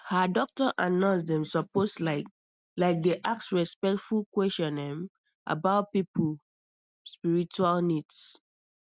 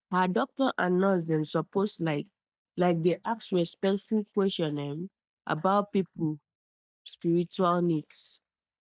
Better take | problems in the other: first | noise reduction (neural mask model DeepFilterNet 3)

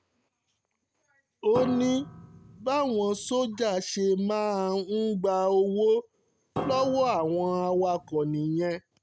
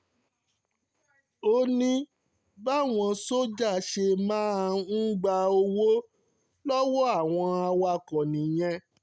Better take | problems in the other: second | background sound (Piano); 12 dB below the speech

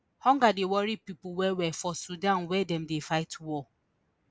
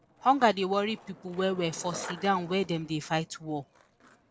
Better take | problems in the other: first | background sound (Skateboard); 18 dB below the speech

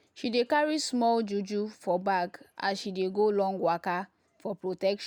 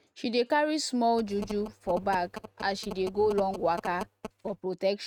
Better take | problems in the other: first | noise reduction (neural mask model RNNoise)

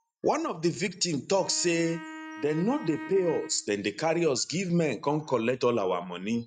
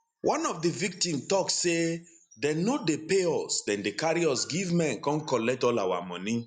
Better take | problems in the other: second | noise reduction (neural mask model RNNoise)

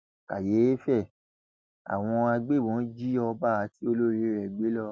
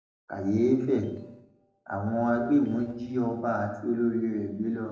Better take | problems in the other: first | noise reduction (neural separator model SepFormer DNS4)

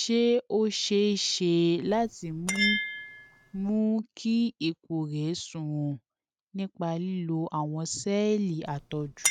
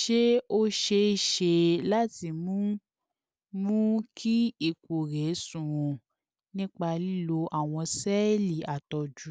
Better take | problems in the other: second | noise reduction (neural mask model RNNoise)

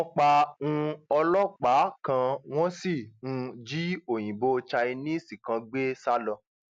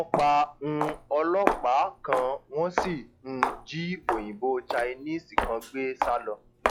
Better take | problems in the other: first | noise reduction (classical method log-MMSE)

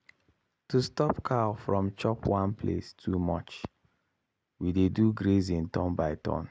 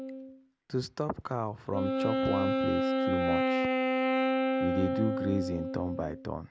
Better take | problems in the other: first | background sound (Wind instrument, woodwind instrument); 4 dB above the speech

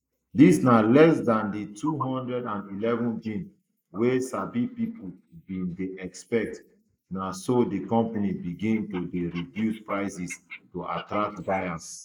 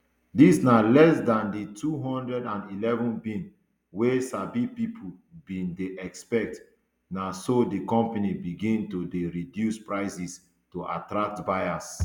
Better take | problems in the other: second | noise reduction (neural mask model Resemble Enhance denoiser)

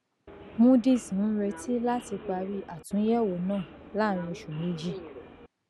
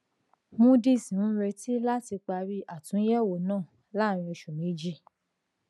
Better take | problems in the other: second | background sound (Subway, metro, underground); 16 dB below the speech

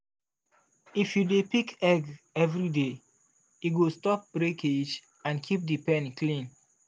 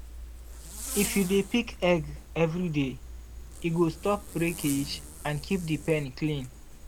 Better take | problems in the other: first | background sound (Zipper (clothing)); 11 dB below the speech

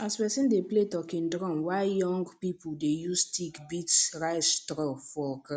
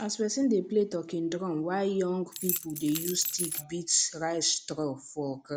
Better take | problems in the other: first | background sound (Rattle / Keys jangling); 5 dB below the speech

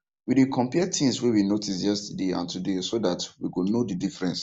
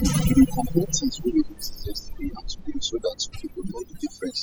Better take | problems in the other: first | noise reduction (classical method spectral subtraction)

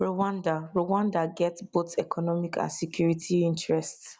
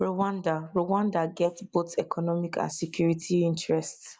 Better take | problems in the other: first | noise reduction (neural mask model Resemble Enhance denoiser)

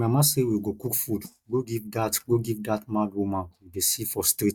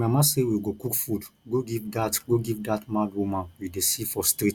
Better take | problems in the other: second | noise reduction (neural mask model DeepFilterNet 3)

